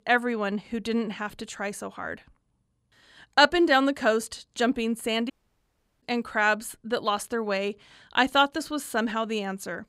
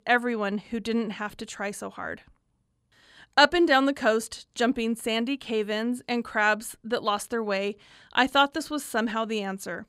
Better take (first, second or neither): second